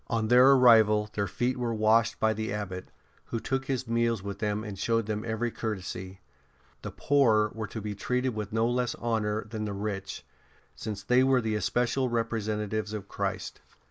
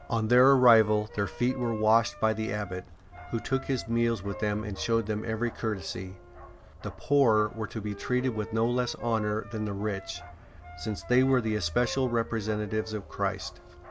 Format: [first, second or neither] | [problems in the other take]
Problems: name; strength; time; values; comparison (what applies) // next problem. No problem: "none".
first | background sound (Wind instrument, woodwind instrument + Bark); 16 dB below the speech